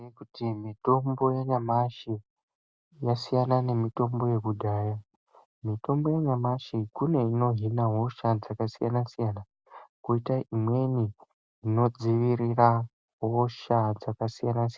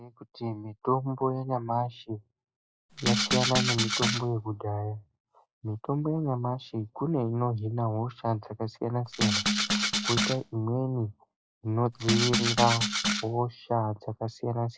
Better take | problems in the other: first | noise reduction (classical method log-MMSE)

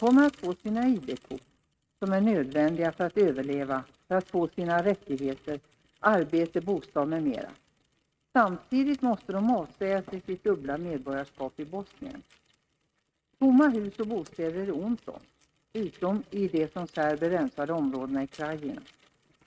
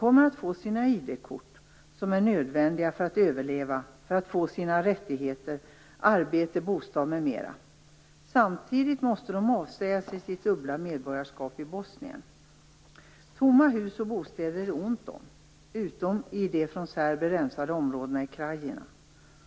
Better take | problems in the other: second | noise reduction (neural mask model RNNoise)

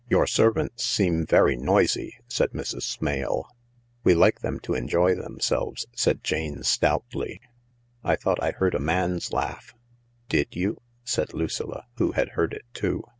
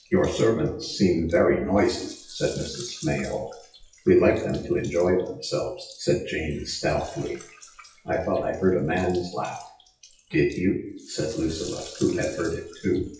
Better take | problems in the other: first | noise reduction (classical method WPE with log-MMSE)

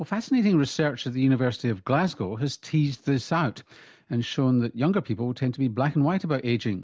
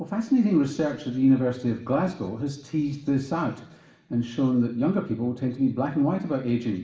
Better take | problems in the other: first | room echo; dies away in 0.8 s

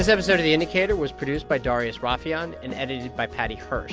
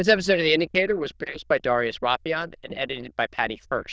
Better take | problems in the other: first | noise reduction (neural diffusion model UNIVERSE++)

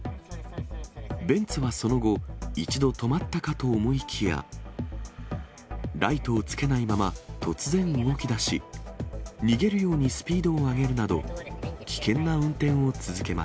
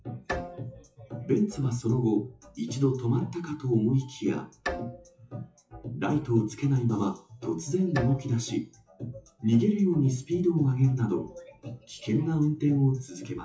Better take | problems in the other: first | noise reduction (classical method WPE with log-MMSE)

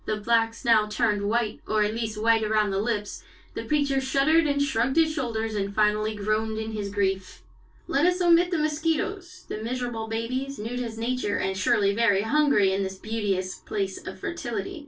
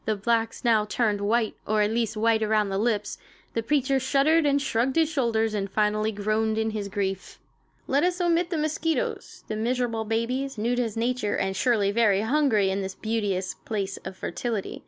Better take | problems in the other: second | room echo; dies away in 0.1 s

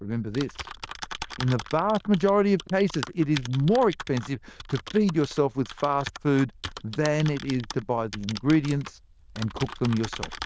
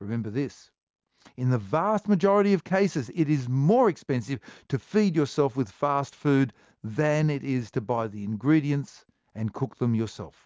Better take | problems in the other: second | noise reduction (neural diffusion model UNIVERSE++)

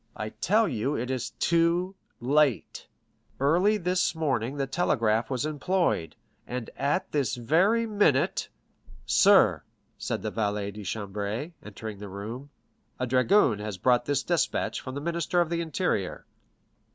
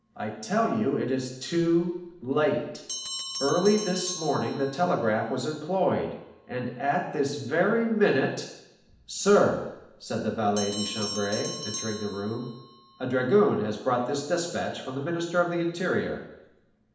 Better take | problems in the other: first | background sound (Bell); 15 dB below the speech // room echo; dies away in 0.8 s

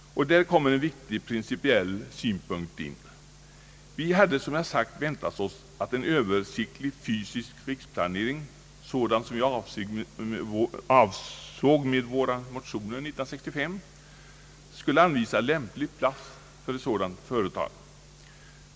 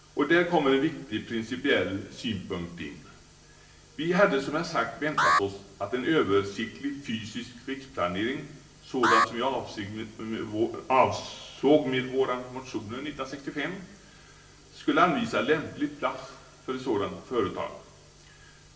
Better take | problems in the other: first | background sound (Alarm); 1 dB below the speech // room echo; dies away in 0.6 s

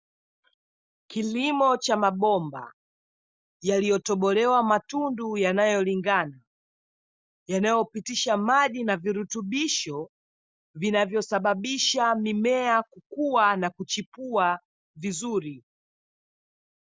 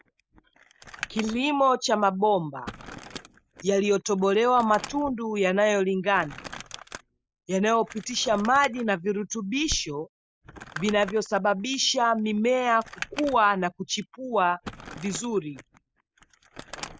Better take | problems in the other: first | background sound (Crumpling, crinkling); 17 dB below the speech

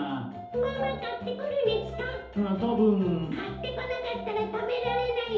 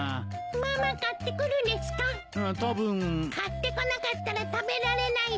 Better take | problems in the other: second | room echo; dies away in 2.2 s

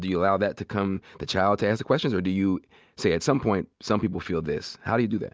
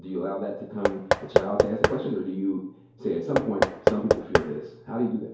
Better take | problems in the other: first | background sound (Knock / Wood); 3 dB above the speech // room echo; dies away in 2.4 s

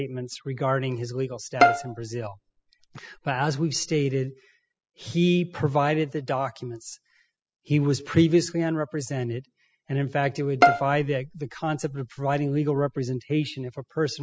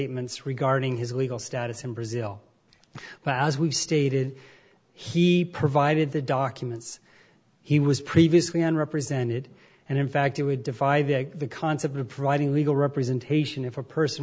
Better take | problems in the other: second | noise reduction (classical method spectral subtraction)

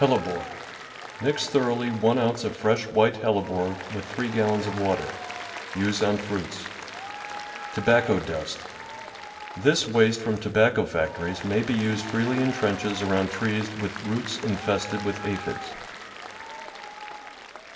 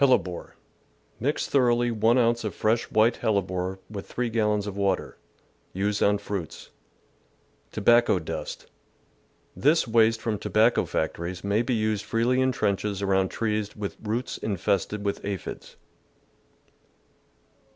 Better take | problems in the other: second | background sound (Applause); 12 dB below the speech // room echo; dies away in 1.5 s

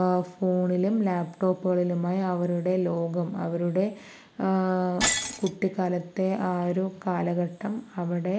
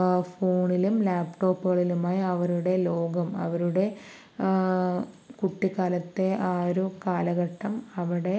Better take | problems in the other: second | background sound (Shatter); 12 dB below the speech

